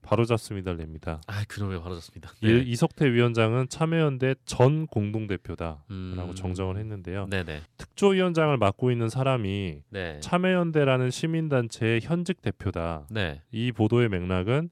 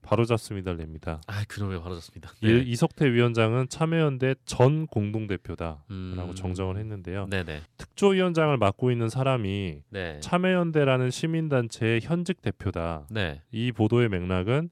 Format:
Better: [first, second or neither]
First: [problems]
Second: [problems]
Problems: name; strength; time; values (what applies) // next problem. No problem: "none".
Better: neither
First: none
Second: none